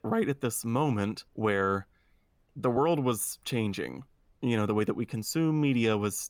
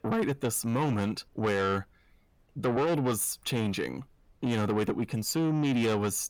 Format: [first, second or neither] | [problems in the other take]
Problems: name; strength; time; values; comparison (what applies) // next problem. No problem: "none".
first | distortion; slight; 10 dB below the speech